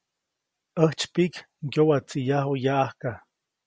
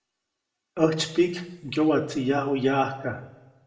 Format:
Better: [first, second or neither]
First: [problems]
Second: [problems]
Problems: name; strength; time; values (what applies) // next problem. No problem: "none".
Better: first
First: none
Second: room echo; dies away in 0.9 s